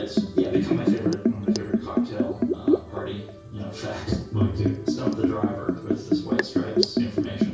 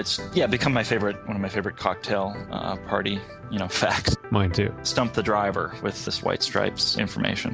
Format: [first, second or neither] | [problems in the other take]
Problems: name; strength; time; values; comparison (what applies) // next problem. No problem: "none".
second | background sound (Liquid); 5 dB above the speech // room echo; dies away in 0.6 s